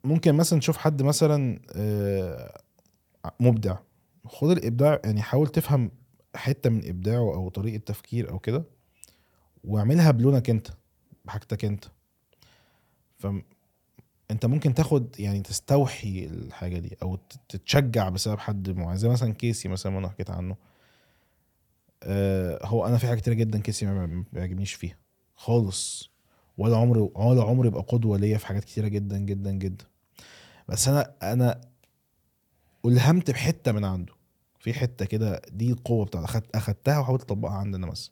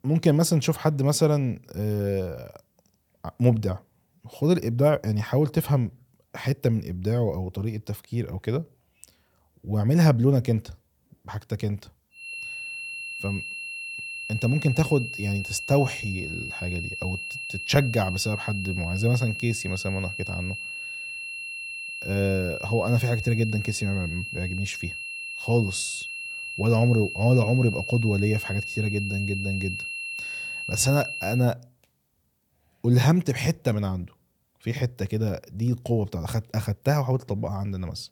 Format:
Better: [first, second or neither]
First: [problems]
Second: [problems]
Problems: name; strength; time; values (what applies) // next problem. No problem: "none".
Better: first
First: none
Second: high-pitched whine; loud; from 12 to 31 s; 2.5 kHz, 7 dB below the speech